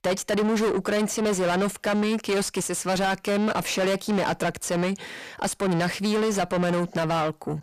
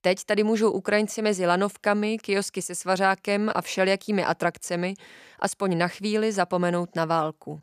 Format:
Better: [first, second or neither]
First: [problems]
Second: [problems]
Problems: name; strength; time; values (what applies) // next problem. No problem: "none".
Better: second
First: distortion; heavy; 6 dB below the speech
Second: none